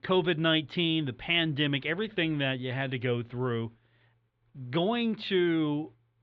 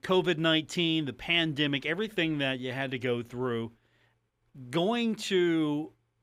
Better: second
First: muffled; slightly; fading above 4 kHz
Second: none

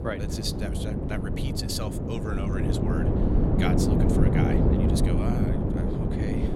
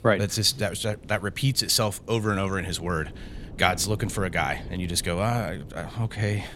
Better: second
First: wind noise on the microphone; heavy; 4 dB above the speech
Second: wind noise on the microphone; occasional gusts; 25 dB below the speech

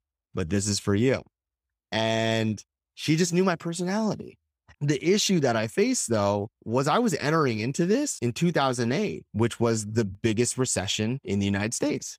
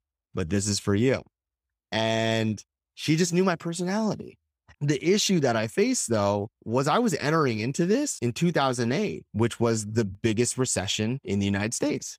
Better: neither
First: none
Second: none

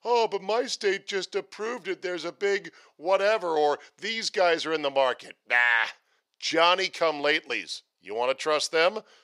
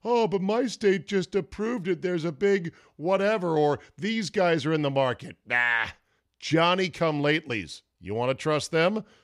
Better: second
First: thin; very; fading below 550 Hz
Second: none

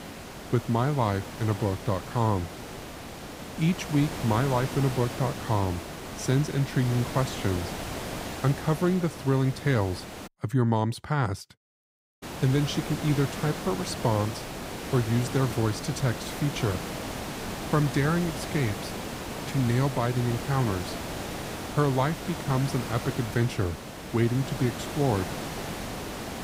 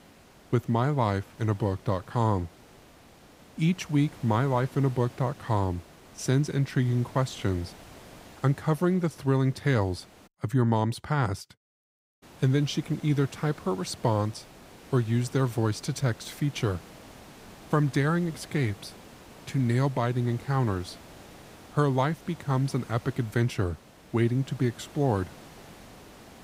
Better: second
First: hiss; loud; until 10 s and from 12 s on; 8 dB below the speech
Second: hiss; faint; until 10 s and from 12 s on; 20 dB below the speech

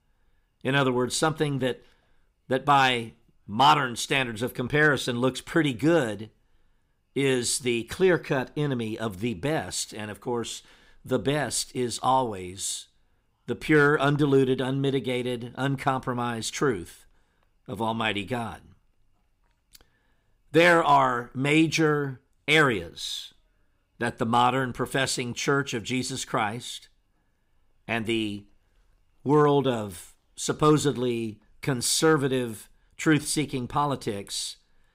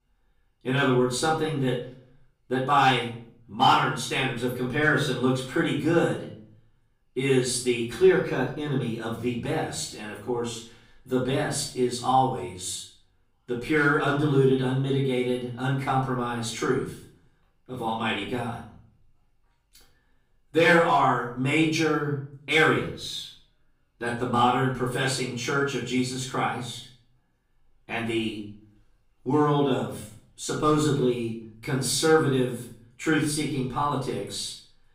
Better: first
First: none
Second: off-mic speech; far // room echo; noticeable; dies away in 0.4 s

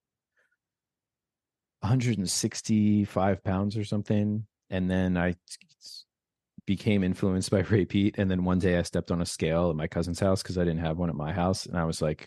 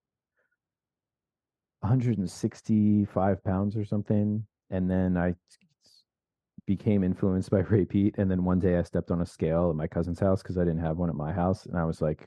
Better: first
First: none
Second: muffled; very; fading above 1.5 kHz

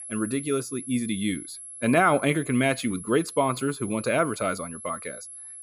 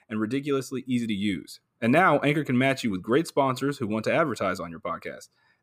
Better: second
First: high-pitched whine; noticeable; throughout; 11 kHz, 10 dB below the speech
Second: none

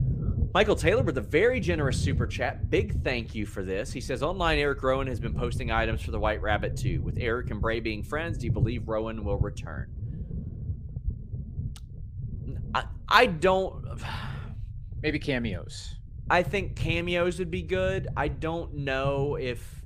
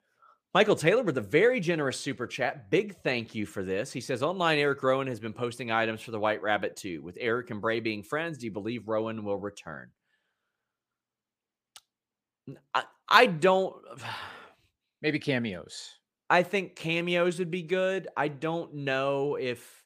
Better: second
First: low rumble; noticeable; throughout; 20 dB below the speech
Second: none

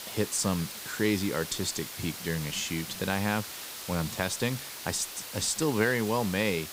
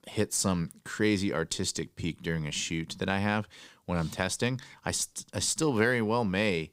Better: second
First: hiss; loud; throughout; 8 dB below the speech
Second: none

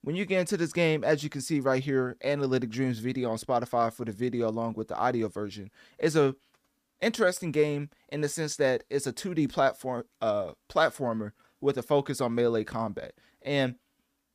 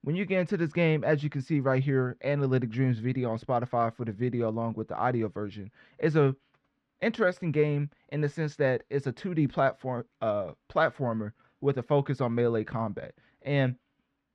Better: first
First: none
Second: muffled; slightly; fading above 2.5 kHz

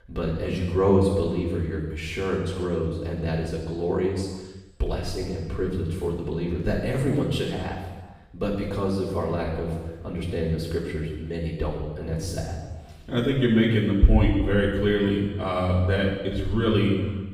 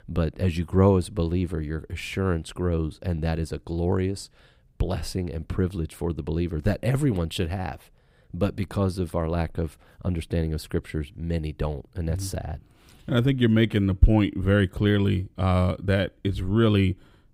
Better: second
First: room echo; noticeable; dies away in 1.2 s // off-mic speech; far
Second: none

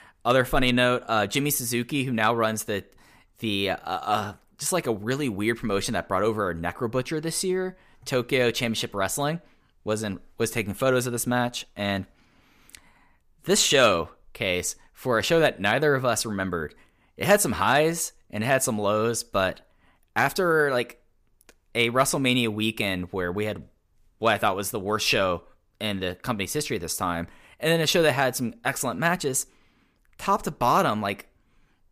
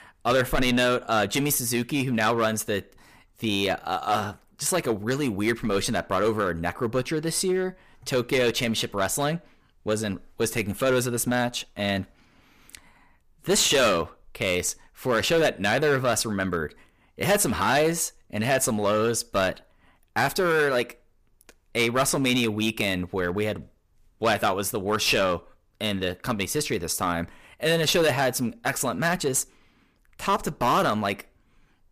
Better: first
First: none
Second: distortion; slight; 5% of the sound clipped

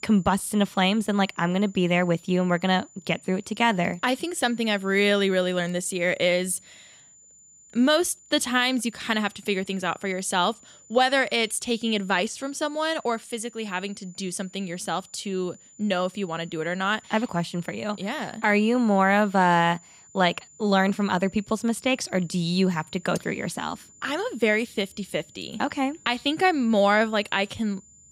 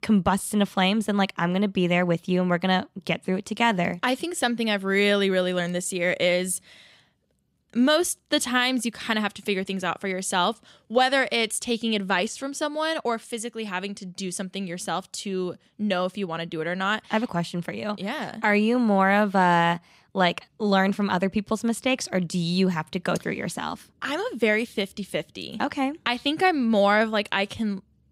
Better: second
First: high-pitched whine; faint; throughout; 7 kHz, 25 dB below the speech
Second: none

